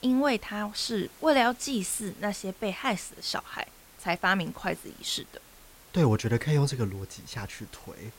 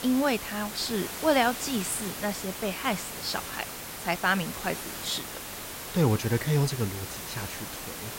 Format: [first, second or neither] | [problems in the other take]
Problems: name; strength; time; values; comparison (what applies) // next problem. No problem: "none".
first | hiss; loud; throughout; 7 dB below the speech; faint in the first